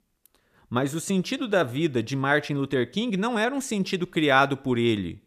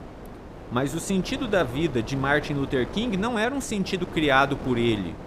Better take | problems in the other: first | wind noise on the microphone; occasional gusts; 15 dB below the speech

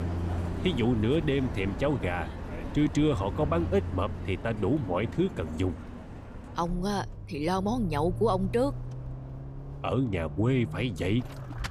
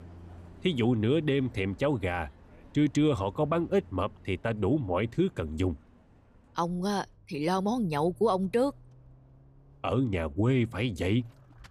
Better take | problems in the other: second | traffic noise; loud; throughout; 9 dB below the speech; faint in the second

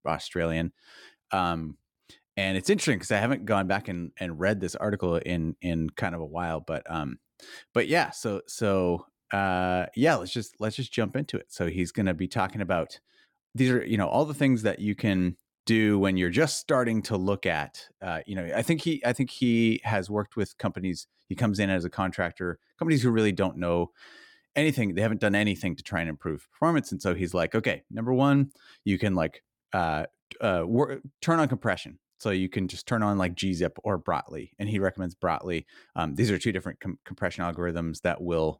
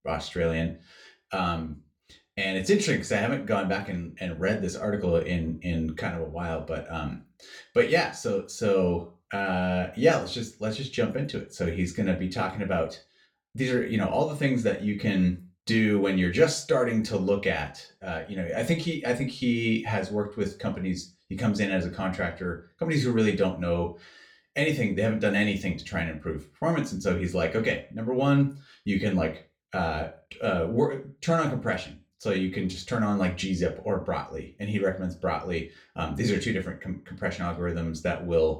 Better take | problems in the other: first | room echo; very slight; dies away in 0.3 s // off-mic speech; far

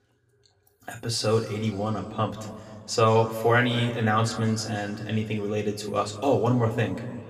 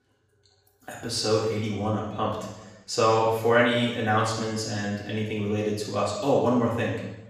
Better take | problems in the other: first | room echo; strong; dies away in 0.9 s; slight in the first // off-mic speech; far; somewhat distant in the first

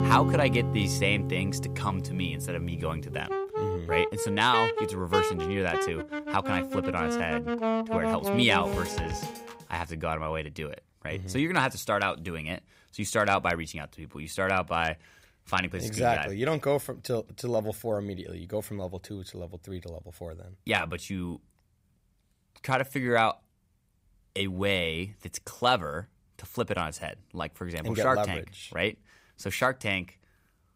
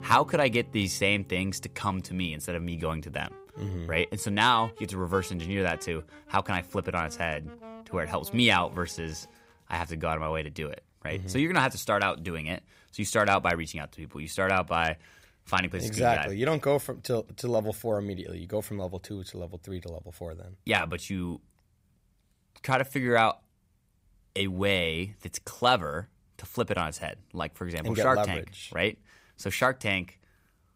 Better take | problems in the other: second | background music; loud; until 9 s; 1 dB below the speech; faint in the second

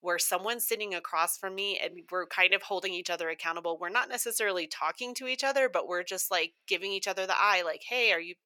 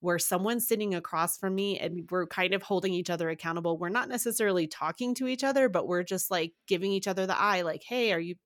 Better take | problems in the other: second | thin; very; fading below 600 Hz

